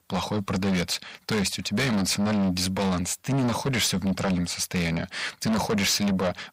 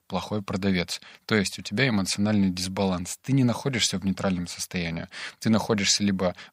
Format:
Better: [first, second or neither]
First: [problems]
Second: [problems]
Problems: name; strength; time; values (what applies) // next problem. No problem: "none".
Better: second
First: distortion; heavy; 6 dB below the speech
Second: none